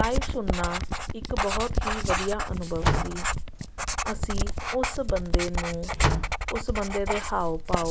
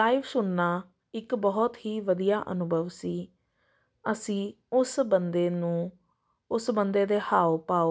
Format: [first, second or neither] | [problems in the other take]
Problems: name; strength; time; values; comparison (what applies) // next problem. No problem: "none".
second | background sound (Writing + Slam); 4 dB above the speech